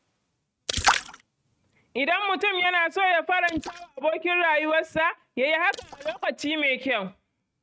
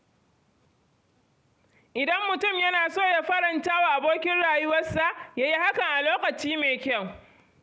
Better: second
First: noise reduction (neural mask model RNNoise)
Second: none

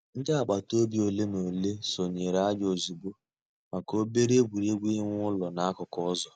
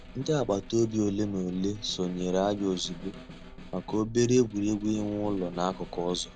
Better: first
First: none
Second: background sound (Boat, Water vehicle + Snare drum); 16 dB below the speech

